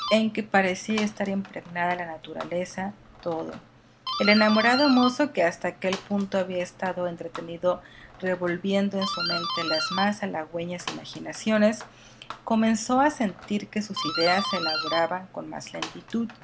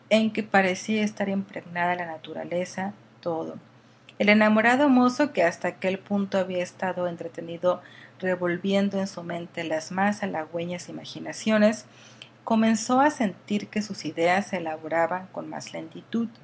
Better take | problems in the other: second | background sound (Doorbell); 9 dB below the speech

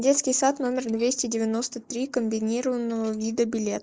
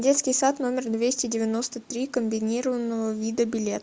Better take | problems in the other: second | noise reduction (neural mask model Resemble Enhance denoiser)

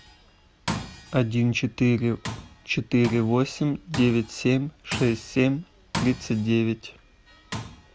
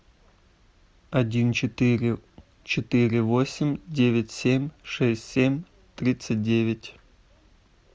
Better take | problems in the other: second | background sound (Tools); 12 dB below the speech

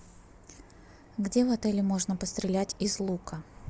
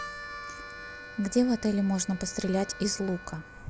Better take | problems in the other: first | background sound (Harmonica); 13 dB below the speech

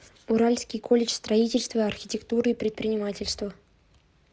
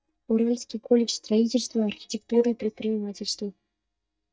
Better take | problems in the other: first | noise reduction (neural mask model DeepFilterNet 3)

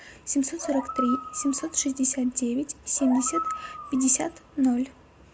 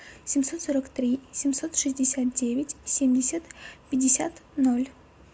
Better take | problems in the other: second | background sound (Animal); 9 dB below the speech

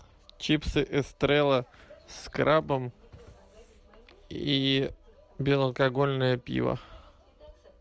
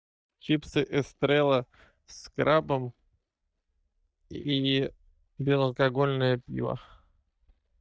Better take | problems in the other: first | noise reduction (neural mask model DeepFilterNet 3)

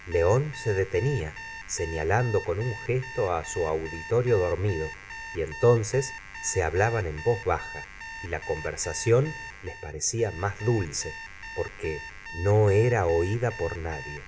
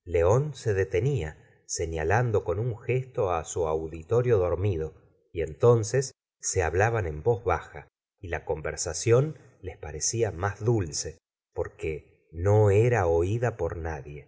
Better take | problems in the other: second | background sound (Alarm); 13 dB below the speech

